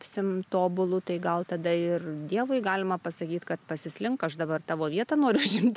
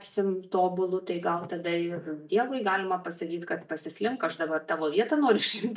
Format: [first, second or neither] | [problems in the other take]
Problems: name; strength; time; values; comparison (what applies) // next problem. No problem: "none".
first | noise reduction (neural mask model DeepFilterNet 3)